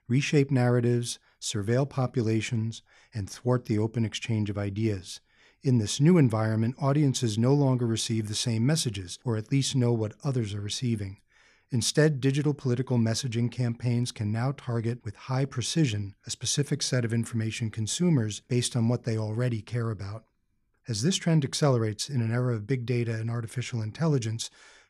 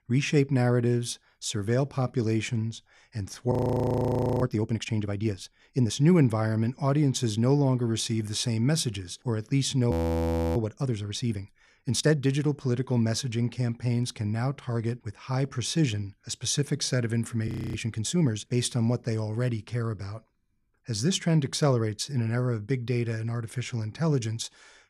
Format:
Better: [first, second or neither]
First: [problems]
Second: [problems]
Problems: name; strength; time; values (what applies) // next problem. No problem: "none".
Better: first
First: none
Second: audio freezing; at 3.5 s for 1 s, at 10 s for 0.5 s and at 17 s